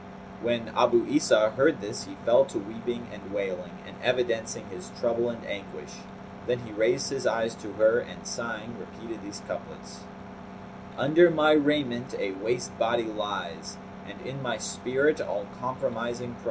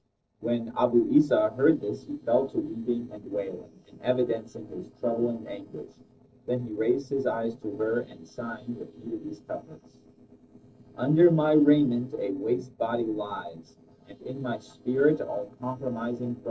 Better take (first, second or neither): first